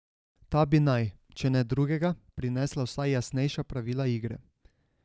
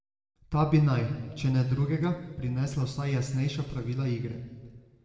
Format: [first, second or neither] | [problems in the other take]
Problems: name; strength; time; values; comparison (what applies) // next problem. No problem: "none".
first | room echo; dies away in 1.5 s